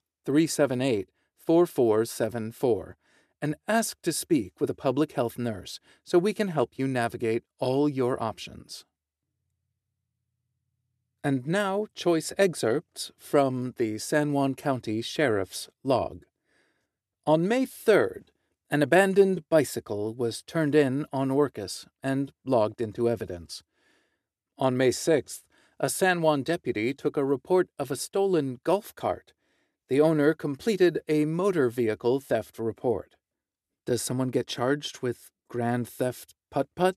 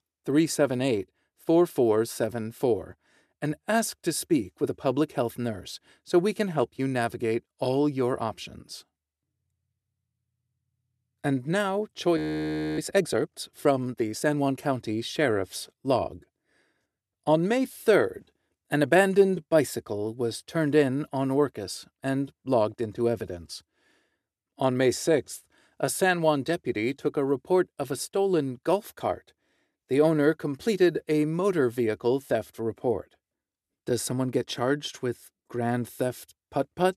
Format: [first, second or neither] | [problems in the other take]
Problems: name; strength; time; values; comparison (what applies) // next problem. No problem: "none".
first | audio freezing; at 12 s for 0.5 s